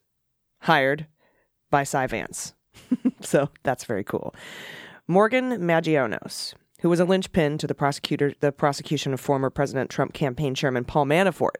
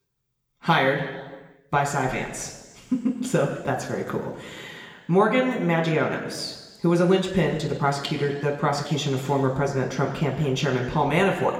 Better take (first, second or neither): first